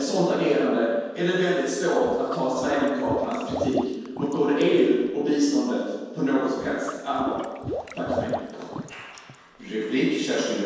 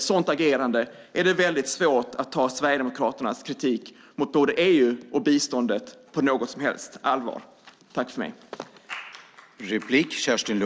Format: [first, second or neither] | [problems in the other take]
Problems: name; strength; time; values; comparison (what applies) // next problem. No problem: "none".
second | background sound (Liquid); 11 dB below the speech // room echo; dies away in 1.2 s